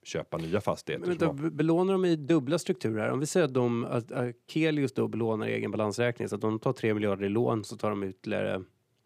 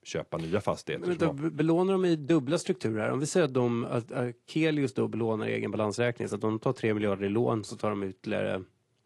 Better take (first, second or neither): first